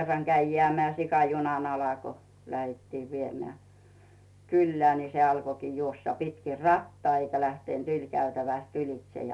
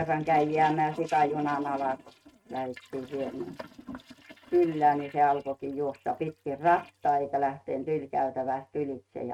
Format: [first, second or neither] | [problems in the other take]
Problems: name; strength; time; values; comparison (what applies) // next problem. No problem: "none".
first | noise reduction (neural mask model RNNoise)